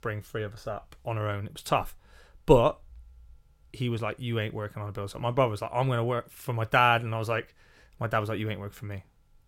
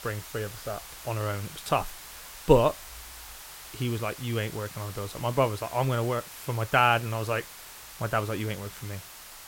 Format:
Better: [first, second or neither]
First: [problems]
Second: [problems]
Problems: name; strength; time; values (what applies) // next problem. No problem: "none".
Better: first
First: none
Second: hiss; noticeable; throughout; 15 dB below the speech